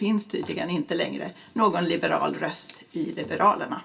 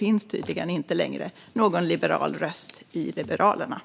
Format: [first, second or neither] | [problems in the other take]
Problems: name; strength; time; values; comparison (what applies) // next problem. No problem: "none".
second | room echo; dies away in 0.2 s